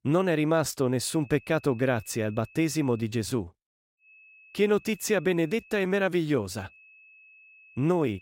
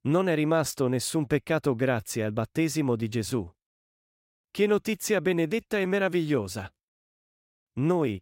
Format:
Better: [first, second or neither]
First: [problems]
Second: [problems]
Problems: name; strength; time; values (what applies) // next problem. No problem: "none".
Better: second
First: high-pitched whine; faint; from 1 to 3 s, from 4 to 6 s and from 6.5 s on; 2.5 kHz, 25 dB below the speech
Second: none